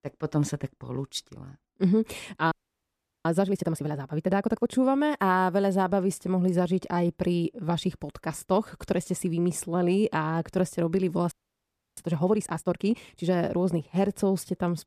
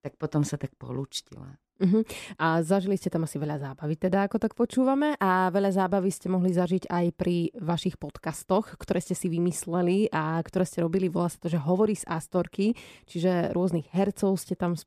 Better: second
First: audio freezing; at 2.5 s for 0.5 s and at 11 s for 0.5 s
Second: none

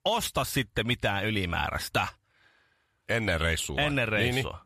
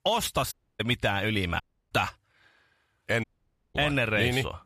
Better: first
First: none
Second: audio cutting out; at 0.5 s, at 1.5 s and at 3 s for 0.5 s

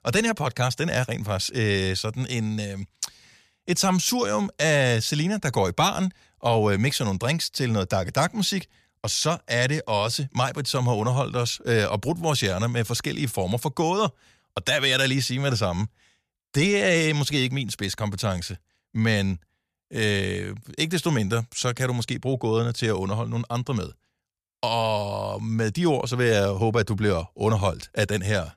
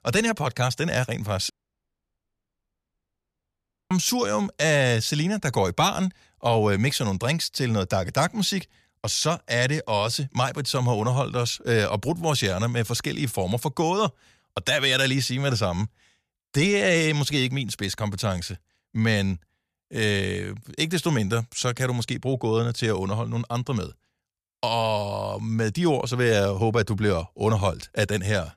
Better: first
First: none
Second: audio cutting out; at 1.5 s for 2.5 s

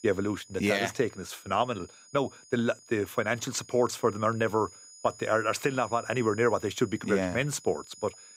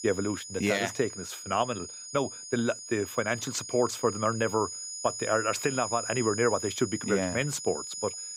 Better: first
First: high-pitched whine; faint; throughout; 7 kHz, 20 dB below the speech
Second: high-pitched whine; loud; throughout; 7 kHz, 7 dB below the speech

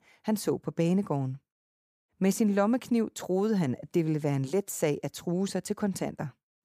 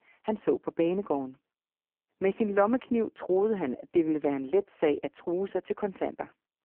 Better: first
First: none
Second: phone-call audio; poor line

